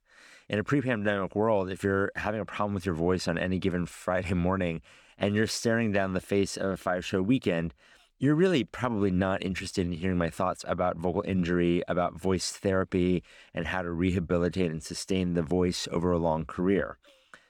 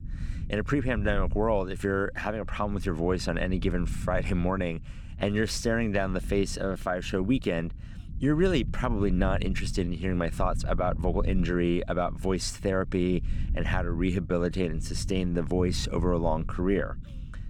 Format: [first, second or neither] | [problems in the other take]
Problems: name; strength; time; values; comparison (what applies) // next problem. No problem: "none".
first | low rumble; faint; throughout; 20 dB below the speech